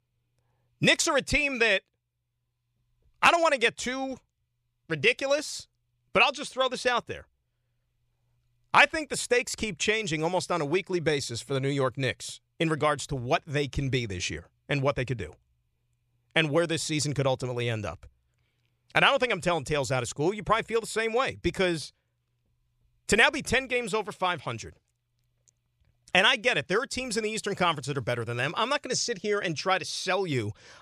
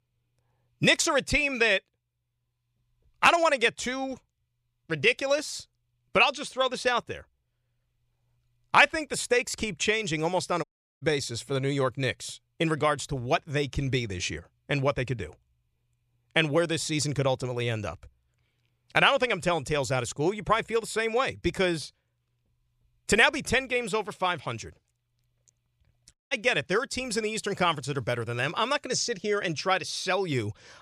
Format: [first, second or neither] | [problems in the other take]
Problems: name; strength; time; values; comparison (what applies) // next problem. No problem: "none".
first | audio cutting out; at 11 s and at 26 s